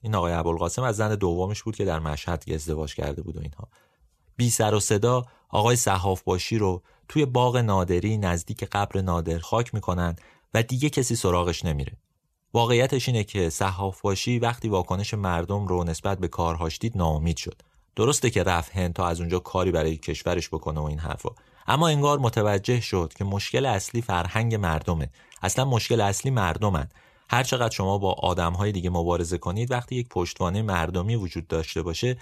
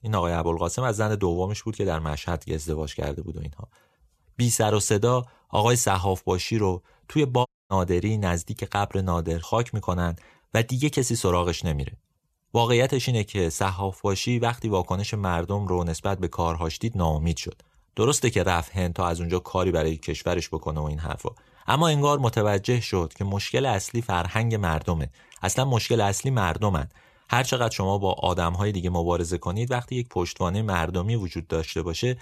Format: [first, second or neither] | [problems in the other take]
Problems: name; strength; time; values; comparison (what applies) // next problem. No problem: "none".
first | audio cutting out; at 7.5 s